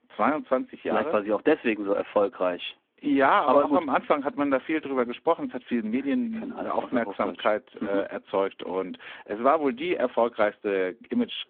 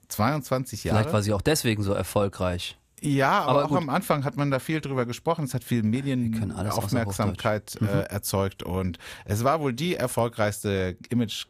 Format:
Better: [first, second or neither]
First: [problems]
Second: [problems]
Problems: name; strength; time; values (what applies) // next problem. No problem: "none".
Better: second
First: phone-call audio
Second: none